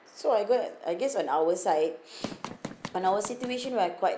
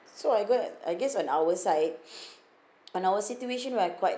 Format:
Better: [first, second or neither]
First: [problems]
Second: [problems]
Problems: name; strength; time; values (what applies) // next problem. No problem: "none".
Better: second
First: background sound (Run); 13 dB below the speech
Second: none